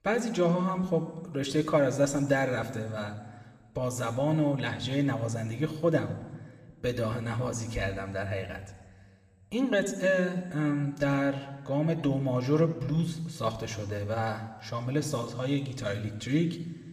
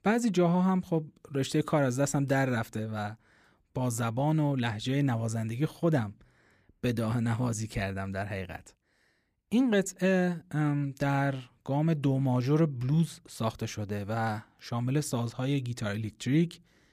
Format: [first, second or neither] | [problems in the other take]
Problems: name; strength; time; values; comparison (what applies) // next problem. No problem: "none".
second | room echo; slight; dies away in 2 s